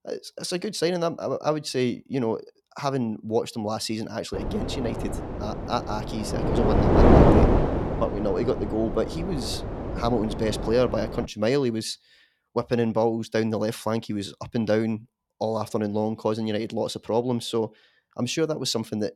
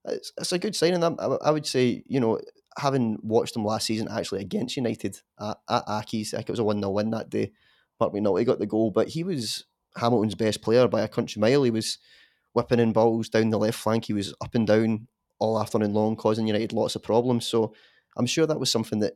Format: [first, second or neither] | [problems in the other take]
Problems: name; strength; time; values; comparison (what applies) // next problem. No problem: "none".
second | wind noise on the microphone; heavy; from 4.5 to 11 s; 1 dB above the speech